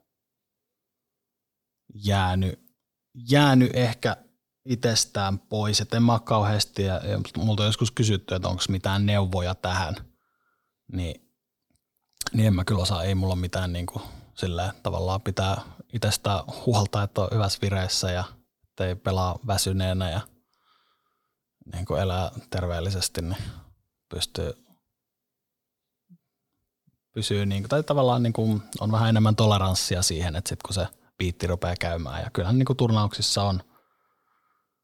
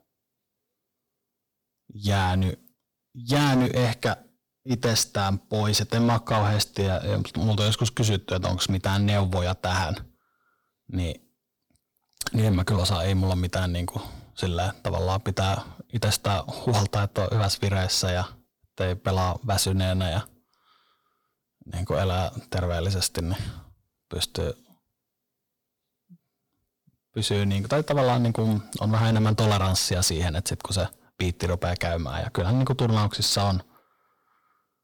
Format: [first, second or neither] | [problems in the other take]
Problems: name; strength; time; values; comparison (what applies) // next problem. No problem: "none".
first | distortion; slight; 7% of the sound clipped